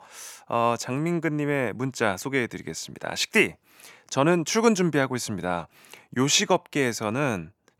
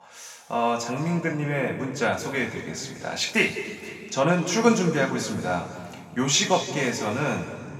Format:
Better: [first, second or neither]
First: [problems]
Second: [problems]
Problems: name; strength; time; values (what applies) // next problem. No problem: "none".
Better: first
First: none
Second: room echo; noticeable; dies away in 2.1 s // off-mic speech; far